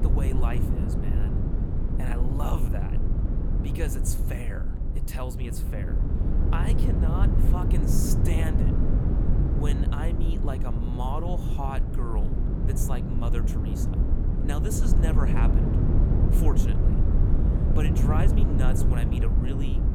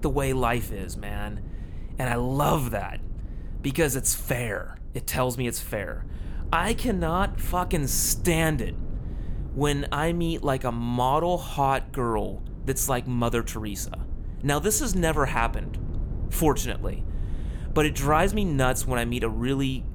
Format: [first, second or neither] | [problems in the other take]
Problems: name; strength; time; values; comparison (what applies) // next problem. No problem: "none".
second | low rumble; loud; throughout; as loud as the speech; faint in the second